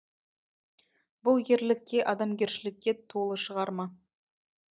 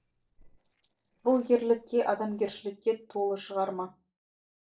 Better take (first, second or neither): first